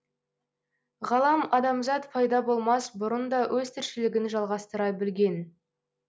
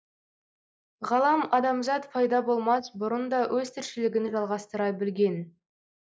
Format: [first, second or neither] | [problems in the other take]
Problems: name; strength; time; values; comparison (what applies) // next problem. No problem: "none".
first | noise reduction (neural mask model Resemble Enhance denoiser)